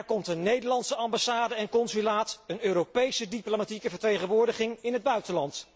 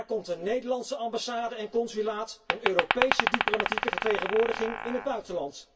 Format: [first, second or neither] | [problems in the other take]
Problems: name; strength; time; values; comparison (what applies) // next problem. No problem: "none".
first | background sound (Glass); 1 dB above the speech // room echo; dies away in 0.1 s